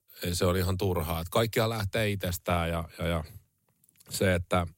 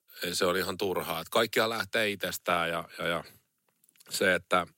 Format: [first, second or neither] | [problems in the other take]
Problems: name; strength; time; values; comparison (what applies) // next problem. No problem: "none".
first | thin; somewhat; fading below 300 Hz